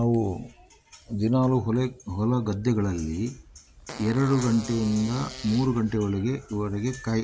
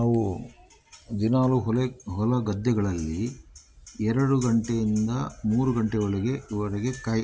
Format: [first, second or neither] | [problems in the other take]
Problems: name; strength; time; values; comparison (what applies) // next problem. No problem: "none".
second | background sound (Fart); 17 dB below the speech